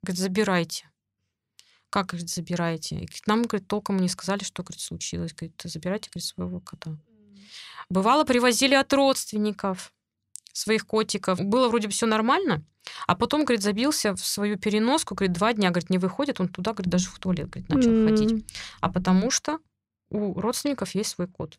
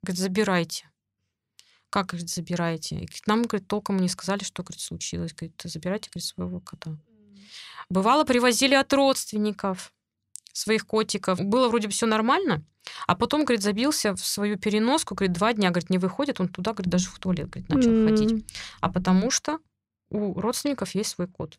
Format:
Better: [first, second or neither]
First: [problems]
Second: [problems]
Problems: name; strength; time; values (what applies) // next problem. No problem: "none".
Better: neither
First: none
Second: none